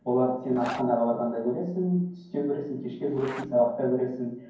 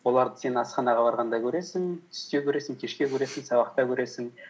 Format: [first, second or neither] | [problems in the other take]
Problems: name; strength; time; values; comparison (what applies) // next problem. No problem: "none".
second | background sound (Zipper (clothing)); 18 dB below the speech // room echo; dies away in 0.9 s